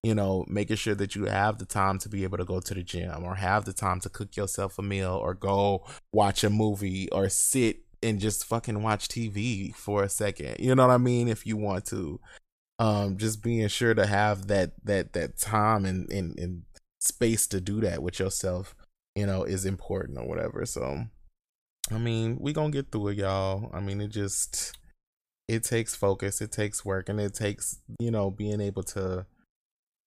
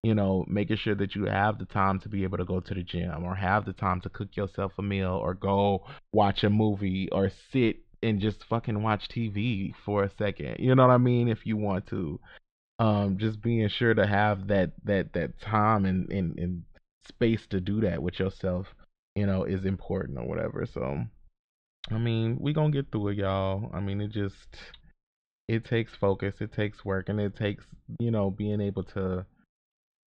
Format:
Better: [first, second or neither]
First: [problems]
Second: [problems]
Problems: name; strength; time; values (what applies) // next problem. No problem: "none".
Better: first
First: none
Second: muffled; very; fading above 3.5 kHz